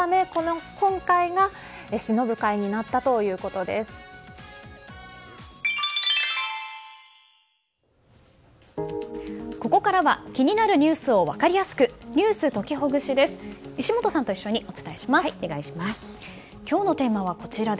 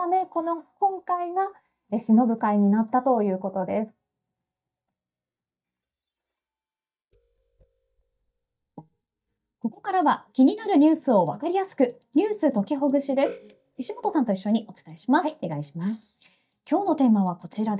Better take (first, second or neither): first